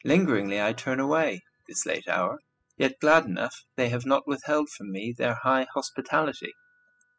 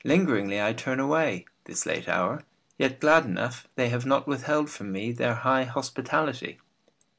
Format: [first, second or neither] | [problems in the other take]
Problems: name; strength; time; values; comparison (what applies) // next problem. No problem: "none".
second | noise reduction (classical method spectral subtraction)